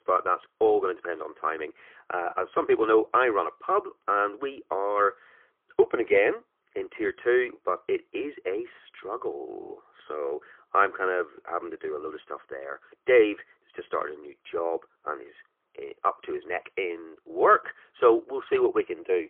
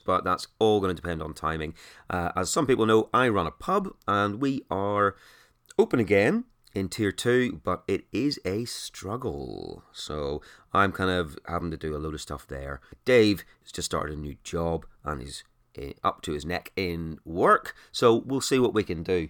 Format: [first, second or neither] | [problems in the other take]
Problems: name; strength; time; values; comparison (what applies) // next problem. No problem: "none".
second | phone-call audio; poor line; nothing above 3.5 kHz